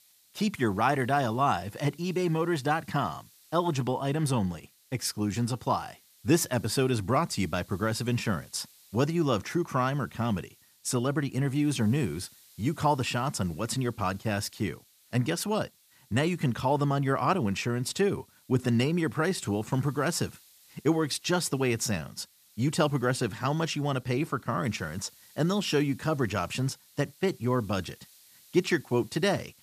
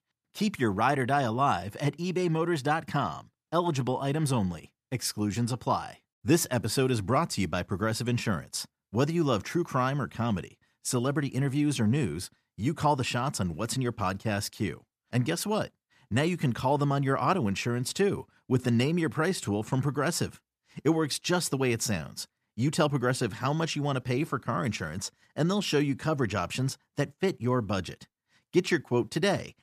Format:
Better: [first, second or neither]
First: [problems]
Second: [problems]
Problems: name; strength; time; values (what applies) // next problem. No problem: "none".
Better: second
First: hiss; faint; throughout; 25 dB below the speech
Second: none